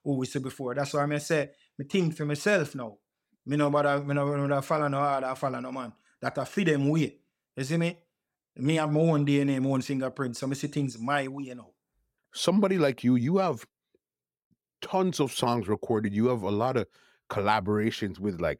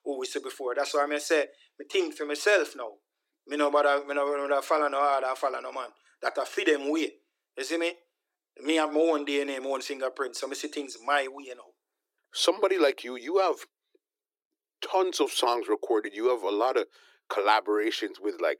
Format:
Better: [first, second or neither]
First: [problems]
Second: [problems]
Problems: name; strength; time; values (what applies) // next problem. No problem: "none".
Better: first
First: none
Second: thin; very; fading below 300 Hz